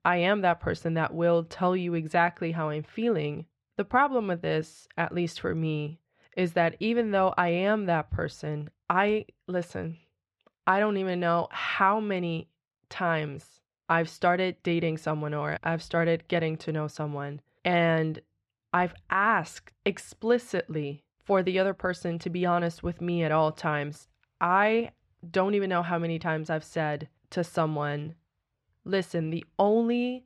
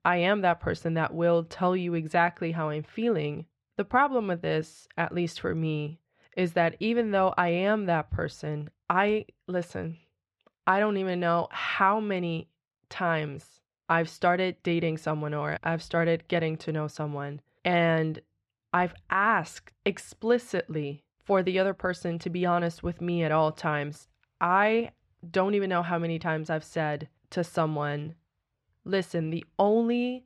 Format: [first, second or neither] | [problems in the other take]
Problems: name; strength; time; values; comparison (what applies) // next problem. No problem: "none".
neither | muffled; very; fading above 2.5 kHz; the same in both